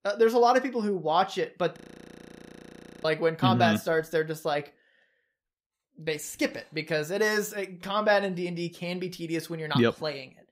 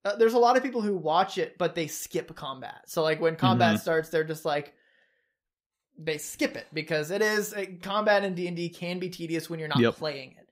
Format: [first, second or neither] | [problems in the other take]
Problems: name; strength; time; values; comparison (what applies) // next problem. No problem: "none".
second | audio freezing; at 2 s for 1.5 s